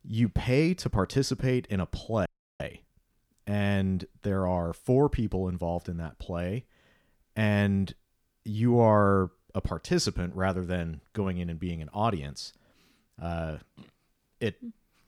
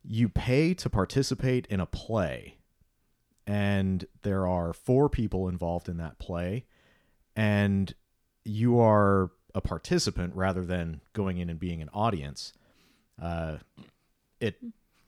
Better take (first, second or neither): second